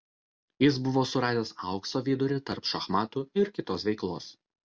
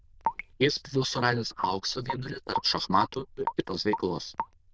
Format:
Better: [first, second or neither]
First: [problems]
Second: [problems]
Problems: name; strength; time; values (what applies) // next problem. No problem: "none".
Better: first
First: none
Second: noise reduction (neural diffusion model UNIVERSE++)